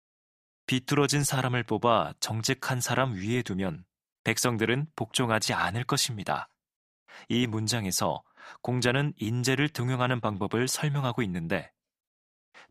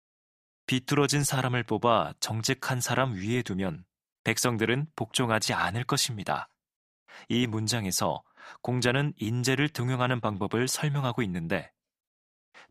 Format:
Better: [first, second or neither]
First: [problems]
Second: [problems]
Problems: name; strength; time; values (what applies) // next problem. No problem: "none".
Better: neither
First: none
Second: none